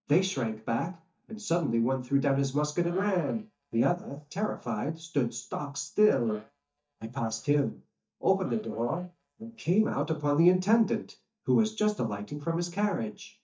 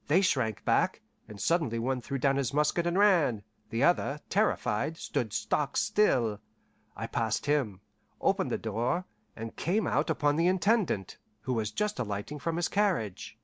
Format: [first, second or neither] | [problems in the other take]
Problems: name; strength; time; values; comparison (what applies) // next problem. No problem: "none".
second | noise reduction (neural mask model DeepFilterNet 3)